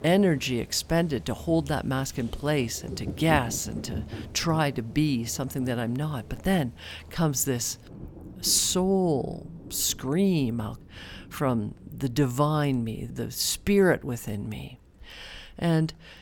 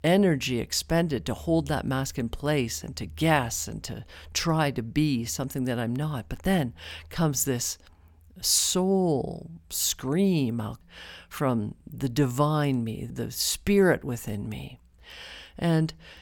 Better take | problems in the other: second | rain or running water; noticeable; throughout; 15 dB below the speech

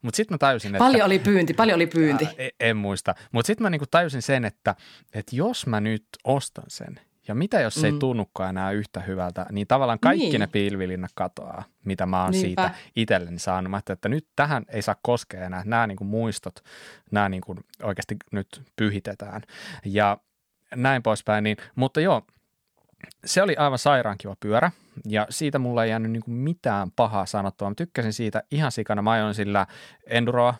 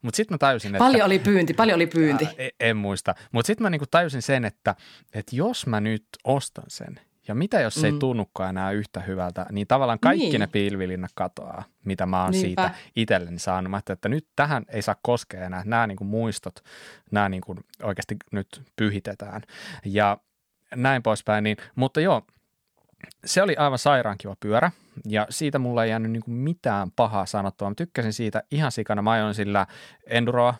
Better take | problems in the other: neither | none

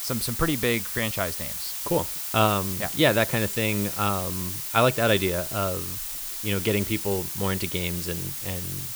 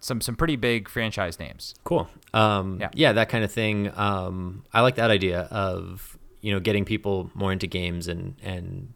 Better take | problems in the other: second | hiss; loud; throughout; 4 dB below the speech

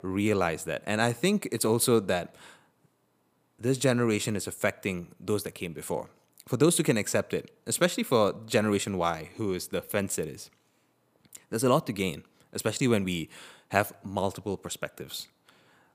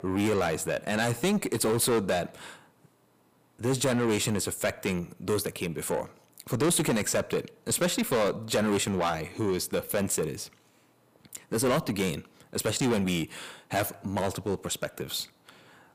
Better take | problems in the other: first | distortion; heavy; 6 dB below the speech

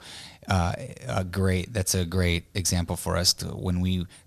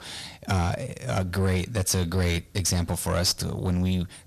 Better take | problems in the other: first | distortion; slight; 10 dB below the speech

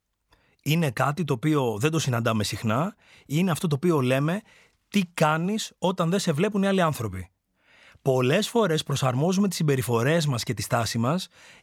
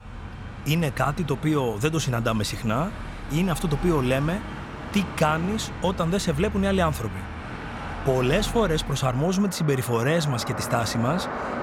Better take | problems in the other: first | traffic noise; loud; throughout; 10 dB below the speech

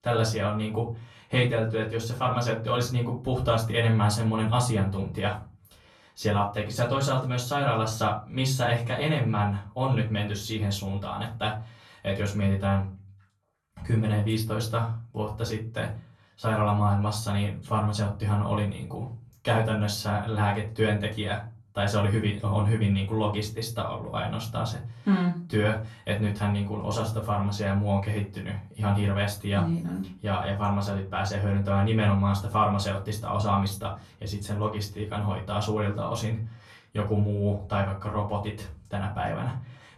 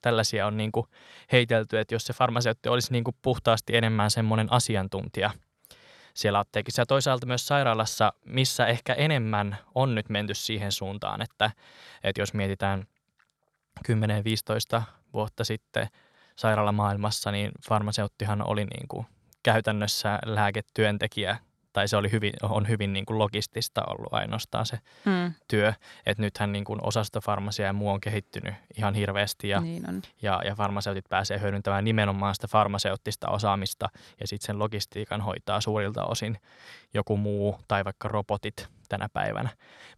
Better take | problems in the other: second | off-mic speech; far // room echo; slight; dies away in 0.4 s

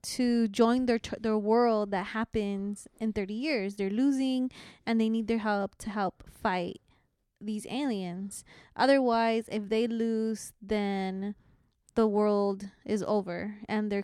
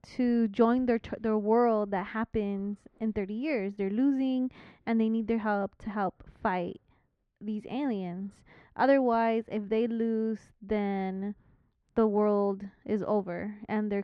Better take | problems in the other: first | muffled; slightly; fading above 2 kHz

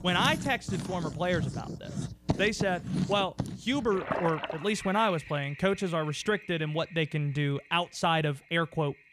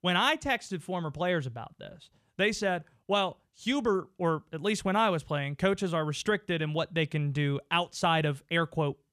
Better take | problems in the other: second | household noises; loud; throughout; 7 dB below the speech

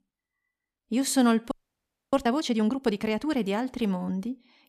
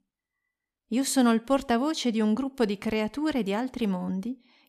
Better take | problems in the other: second | audio freezing; at 1.5 s for 0.5 s

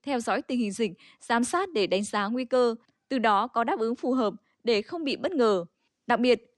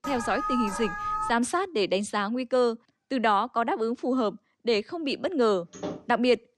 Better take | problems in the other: first | alarm; noticeable; until 1.5 s; peak 3 dB below the speech // door banging; faint; at 5.5 s; peak 10 dB below the speech

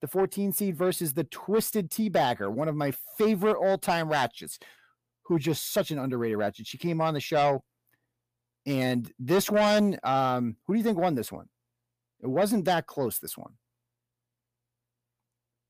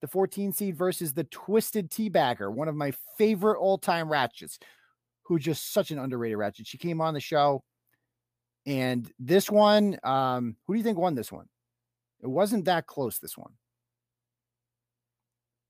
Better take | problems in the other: second | distortion; slight; 10 dB below the speech

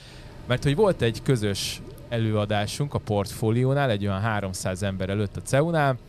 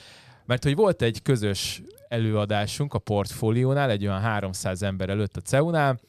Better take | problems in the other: second | machinery noise; faint; throughout; 20 dB below the speech

